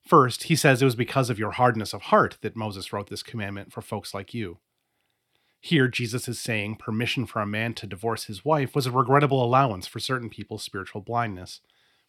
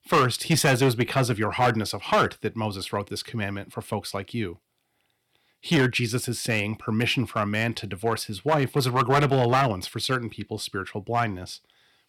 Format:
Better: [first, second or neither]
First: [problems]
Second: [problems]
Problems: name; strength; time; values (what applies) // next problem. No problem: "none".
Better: first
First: none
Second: distortion; heavy; 4% of the sound clipped